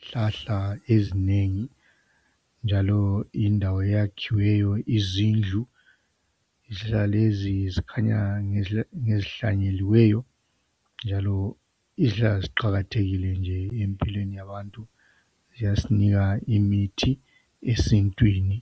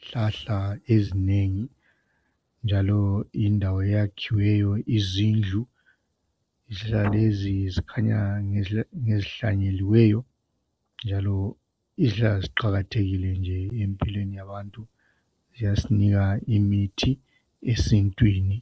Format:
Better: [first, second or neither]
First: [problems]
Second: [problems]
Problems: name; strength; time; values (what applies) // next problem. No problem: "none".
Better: first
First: none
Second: noise reduction (neural separator model SepFormer DNS4)